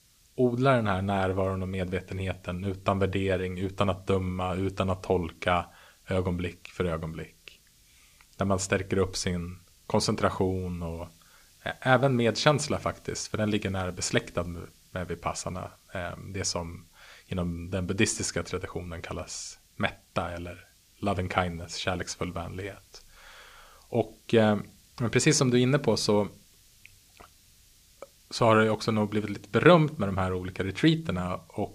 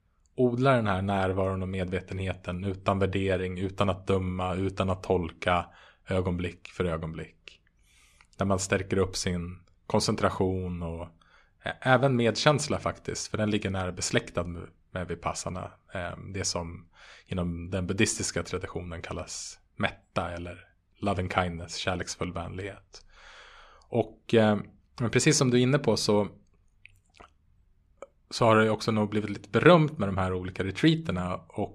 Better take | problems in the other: second | hiss; faint; throughout; 30 dB below the speech

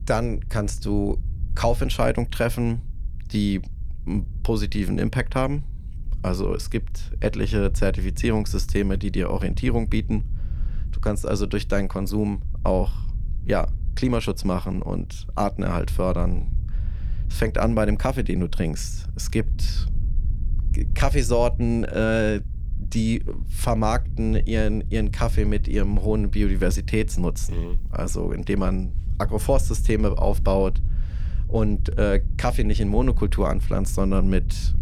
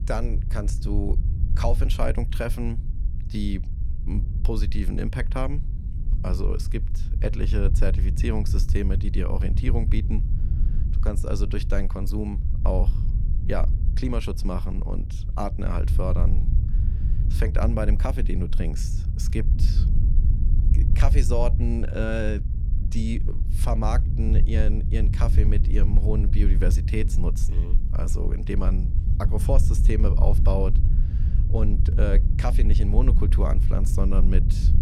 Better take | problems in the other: first | low rumble; loud; throughout; 9 dB below the speech; faint in the first

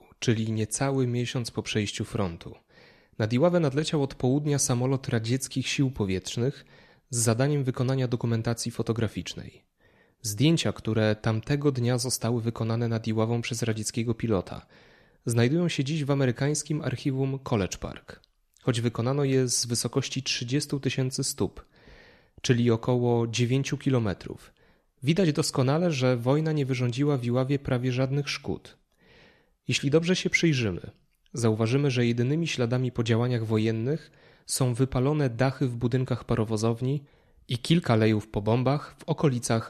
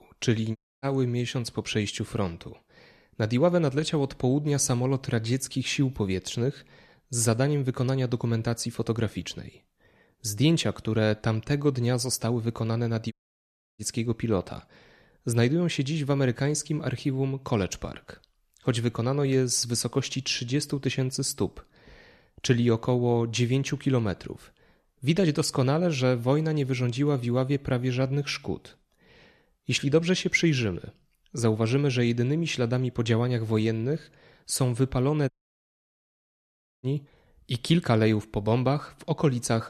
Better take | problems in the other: first | audio cutting out; at 0.5 s, at 13 s for 0.5 s and at 35 s for 1.5 s

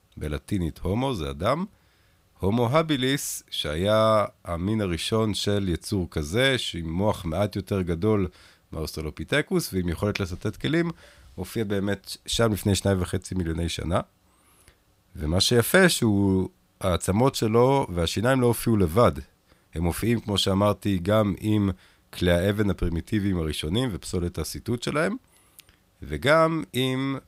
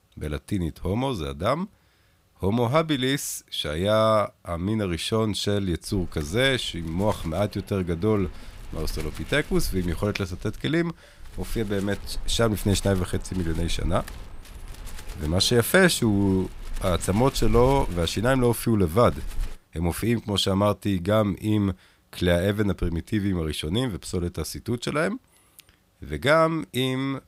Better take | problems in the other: first | wind noise on the microphone; occasional gusts; from 6 to 20 s; 20 dB below the speech

